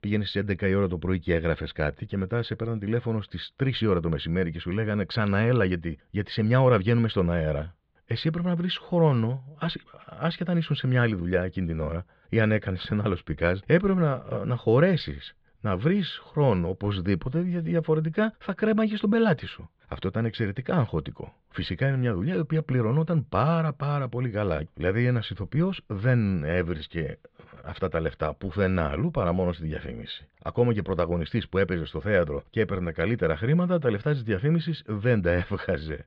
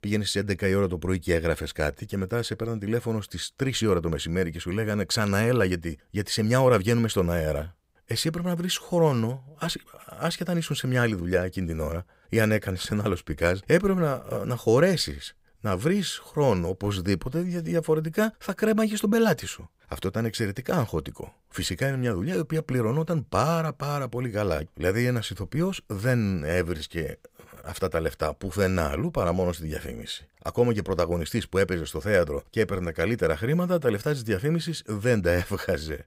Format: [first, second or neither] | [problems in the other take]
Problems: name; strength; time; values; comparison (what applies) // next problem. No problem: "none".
second | muffled; slightly; fading above 3.5 kHz